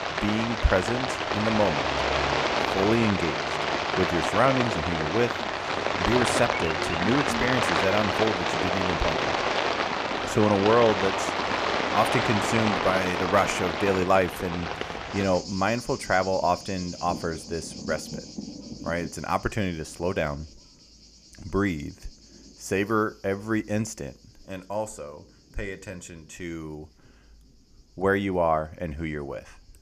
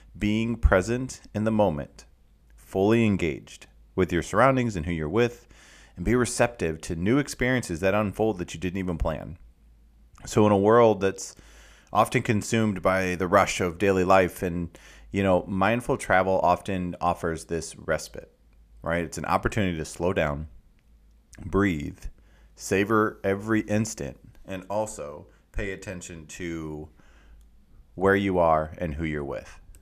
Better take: second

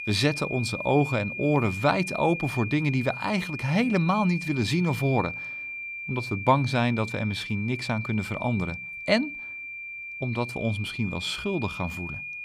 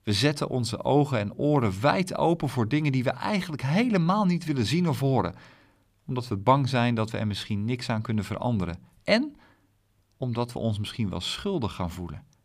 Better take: second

